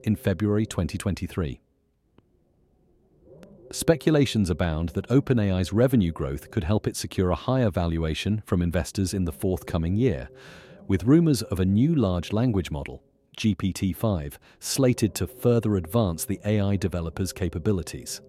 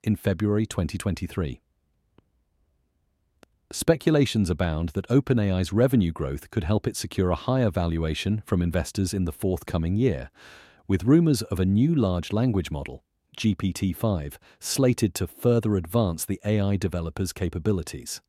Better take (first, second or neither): second